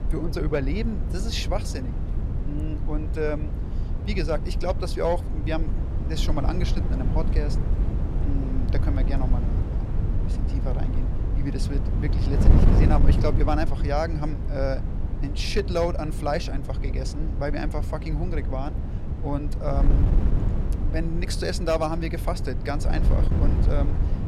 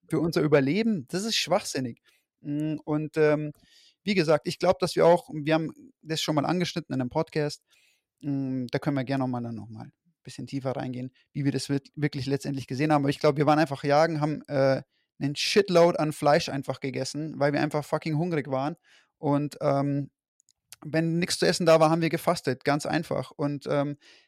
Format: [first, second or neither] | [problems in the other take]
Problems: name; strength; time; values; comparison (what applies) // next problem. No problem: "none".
second | wind noise on the microphone; heavy; 7 dB below the speech